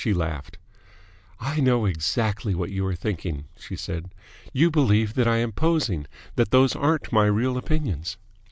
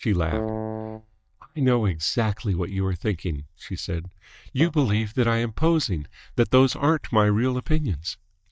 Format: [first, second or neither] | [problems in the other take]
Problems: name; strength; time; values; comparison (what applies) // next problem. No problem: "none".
first | noise reduction (neural mask model DeepFilterNet 3)